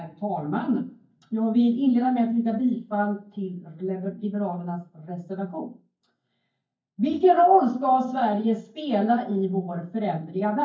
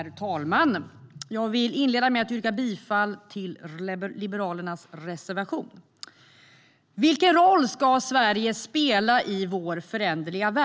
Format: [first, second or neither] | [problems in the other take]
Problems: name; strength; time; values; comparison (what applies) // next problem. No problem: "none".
second | noise reduction (neural mask model DeepFilterNet 3)